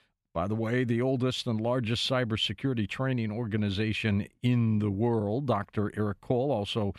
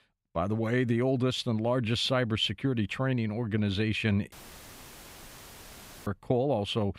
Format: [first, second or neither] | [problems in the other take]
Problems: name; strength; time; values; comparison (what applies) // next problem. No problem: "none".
first | audio cutting out; filled with static; at 4.5 s for 1.5 s